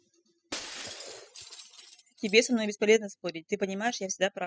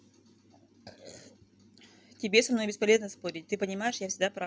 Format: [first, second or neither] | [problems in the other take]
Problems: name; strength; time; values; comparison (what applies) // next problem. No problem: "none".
second | noise reduction (classical method spectral subtraction)